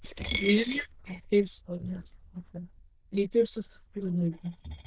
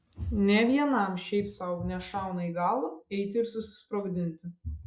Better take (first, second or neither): second